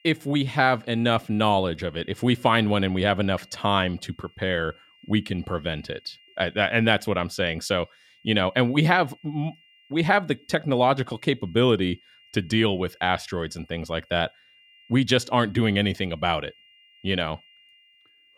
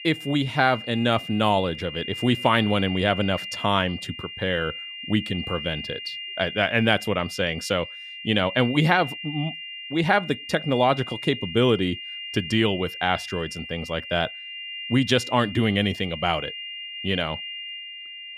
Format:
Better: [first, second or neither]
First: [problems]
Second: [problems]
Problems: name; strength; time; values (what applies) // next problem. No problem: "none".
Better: first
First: high-pitched whine; faint; throughout; 3 kHz, 30 dB below the speech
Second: high-pitched whine; loud; throughout; 3 kHz, 10 dB below the speech